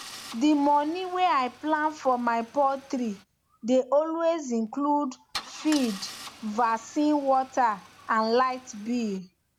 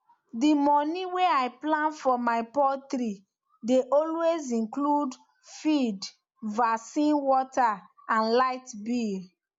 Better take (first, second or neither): second